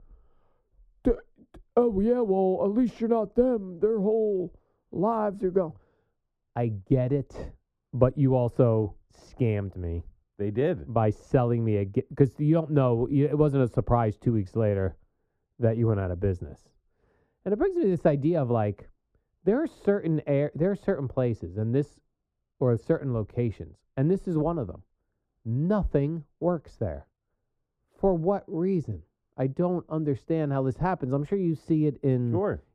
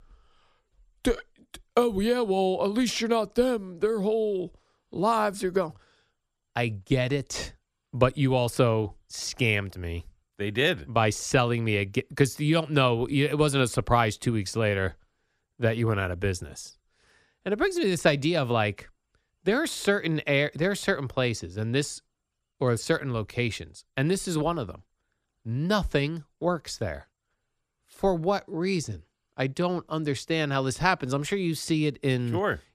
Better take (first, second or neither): second